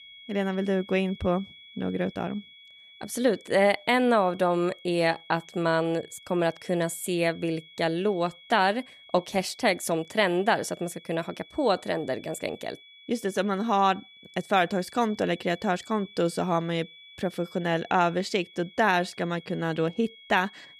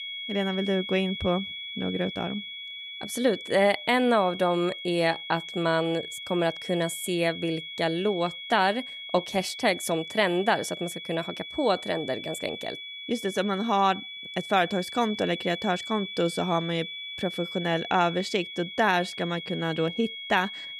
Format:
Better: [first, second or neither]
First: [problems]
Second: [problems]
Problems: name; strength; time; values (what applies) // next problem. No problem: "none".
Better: first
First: high-pitched whine; faint; throughout; 3.5 kHz, 20 dB below the speech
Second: high-pitched whine; loud; throughout; 3.5 kHz, 9 dB below the speech